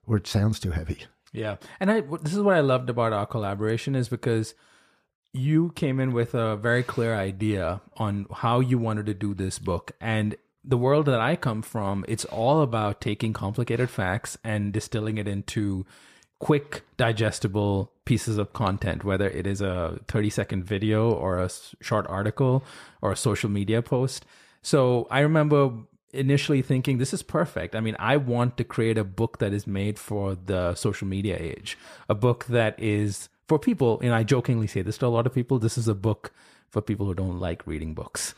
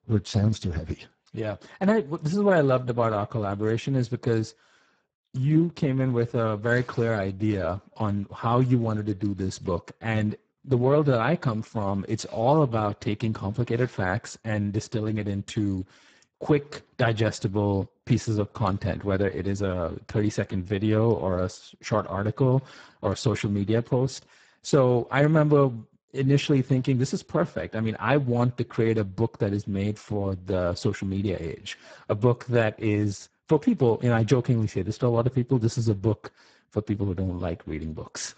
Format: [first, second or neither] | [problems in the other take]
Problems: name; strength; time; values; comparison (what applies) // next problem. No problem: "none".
first | garbled, watery; badly; nothing above 8 kHz